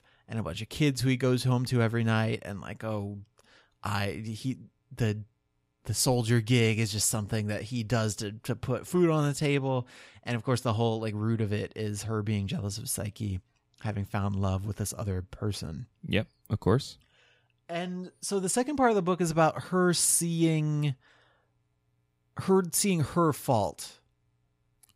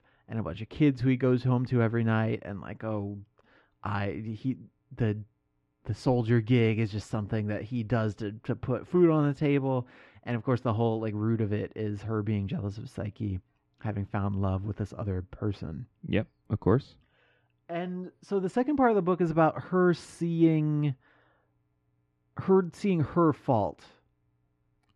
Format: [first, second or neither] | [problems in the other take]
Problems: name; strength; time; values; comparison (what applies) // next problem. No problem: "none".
first | muffled; very; fading above 2 kHz